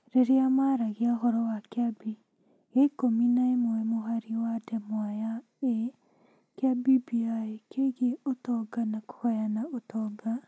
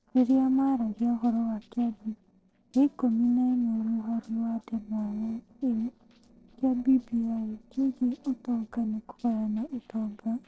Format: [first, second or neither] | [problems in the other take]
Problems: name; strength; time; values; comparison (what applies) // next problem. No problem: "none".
first | noise reduction (neural separator model SepFormer DNS4)